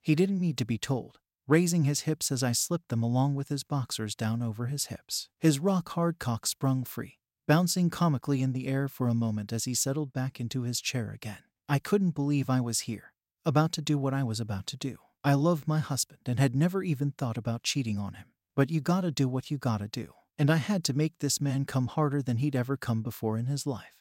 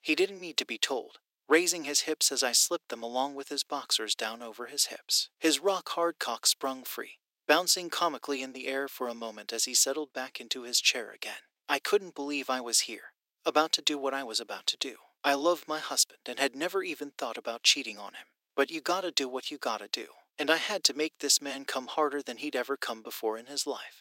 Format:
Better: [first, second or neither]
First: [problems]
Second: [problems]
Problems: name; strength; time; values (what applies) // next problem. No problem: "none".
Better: first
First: none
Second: thin; very; fading below 350 Hz